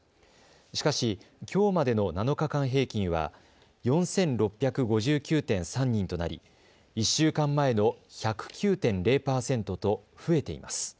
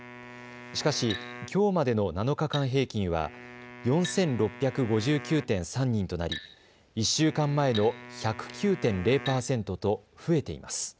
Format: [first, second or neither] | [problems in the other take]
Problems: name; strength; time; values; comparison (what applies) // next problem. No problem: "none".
first | background sound (Glass + Wind instrument, woodwind instrument); 15 dB below the speech